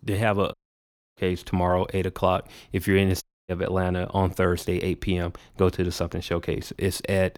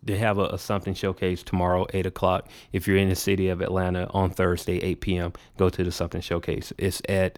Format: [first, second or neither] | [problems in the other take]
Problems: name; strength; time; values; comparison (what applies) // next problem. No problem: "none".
second | audio cutting out; at 0.5 s for 0.5 s and at 3 s